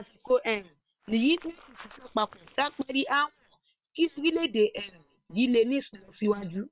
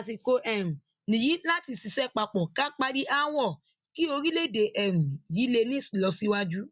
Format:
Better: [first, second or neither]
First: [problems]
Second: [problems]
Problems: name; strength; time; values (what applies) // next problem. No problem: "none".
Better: second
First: noise reduction (neural separator model SepFormer WHAM!)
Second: none